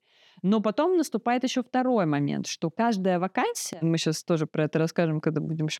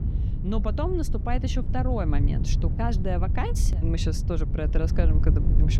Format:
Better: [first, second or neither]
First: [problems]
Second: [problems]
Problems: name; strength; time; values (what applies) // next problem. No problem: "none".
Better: first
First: none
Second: wind noise on the microphone; heavy; 8 dB below the speech